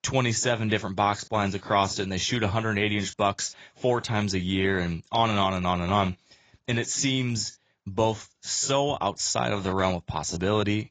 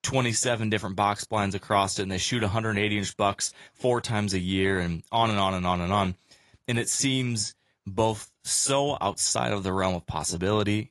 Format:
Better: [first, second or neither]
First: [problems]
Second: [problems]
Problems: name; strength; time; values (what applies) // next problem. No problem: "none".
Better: second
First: garbled, watery; badly; nothing above 7.5 kHz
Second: garbled, watery; slightly